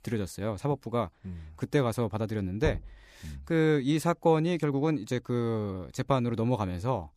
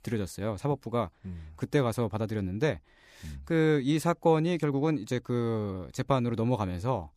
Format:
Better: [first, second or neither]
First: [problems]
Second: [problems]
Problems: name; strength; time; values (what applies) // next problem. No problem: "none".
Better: second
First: door banging; noticeable; at 2.5 s; peak 8 dB below the speech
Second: none